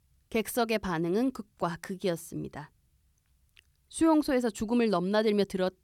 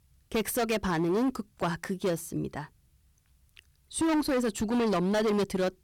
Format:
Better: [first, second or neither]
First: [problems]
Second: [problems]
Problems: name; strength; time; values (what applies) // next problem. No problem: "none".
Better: first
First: none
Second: distortion; heavy; 14% of the sound clipped